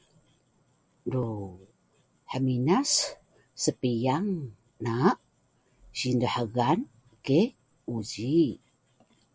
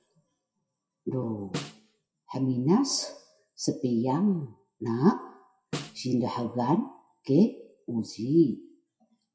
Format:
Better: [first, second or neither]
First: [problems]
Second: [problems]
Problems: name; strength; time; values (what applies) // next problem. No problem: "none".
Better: first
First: none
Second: noise reduction (classical method WPE with log-MMSE)